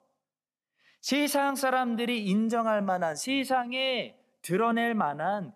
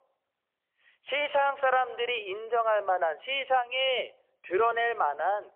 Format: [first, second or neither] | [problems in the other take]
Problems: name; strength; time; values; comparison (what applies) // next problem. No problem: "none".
first | phone-call audio; poor line; nothing above 3 kHz